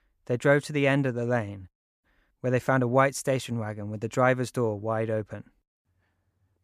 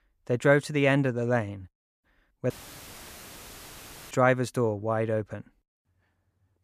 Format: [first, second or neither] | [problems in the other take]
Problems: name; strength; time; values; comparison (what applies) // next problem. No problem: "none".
first | audio cutting out; filled with static; at 2.5 s for 1.5 s